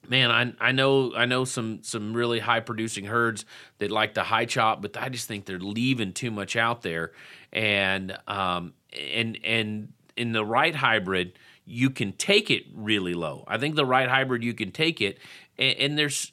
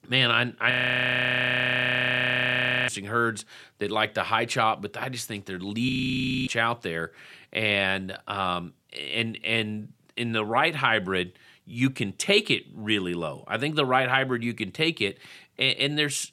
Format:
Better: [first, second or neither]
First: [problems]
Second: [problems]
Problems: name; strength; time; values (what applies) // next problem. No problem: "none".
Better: first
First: none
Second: audio freezing; at 0.5 s for 2 s and at 6 s for 0.5 s